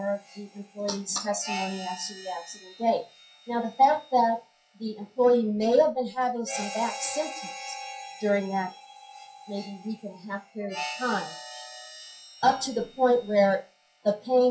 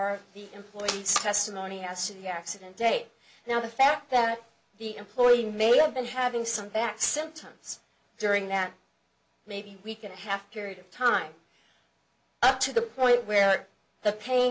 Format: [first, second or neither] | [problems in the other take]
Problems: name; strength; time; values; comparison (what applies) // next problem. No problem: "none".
second | noise reduction (classical method WPE with log-MMSE)